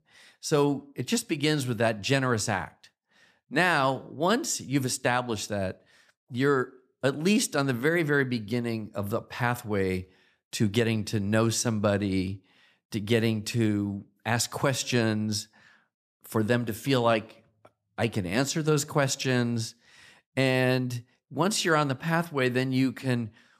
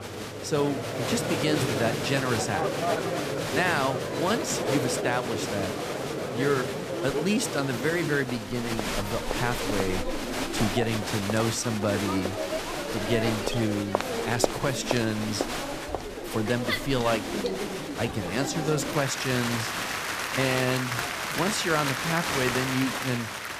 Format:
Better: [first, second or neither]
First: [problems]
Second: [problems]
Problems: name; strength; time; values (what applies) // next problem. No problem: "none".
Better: first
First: none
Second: crowd noise; loud; throughout; 1 dB below the speech